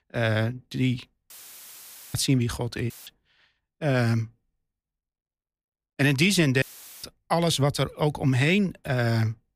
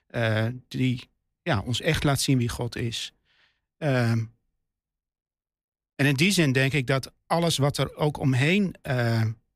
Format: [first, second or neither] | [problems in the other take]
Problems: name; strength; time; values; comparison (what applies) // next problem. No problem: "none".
second | audio cutting out; filled with static; at 1.5 s for 1 s, at 3 s and at 6.5 s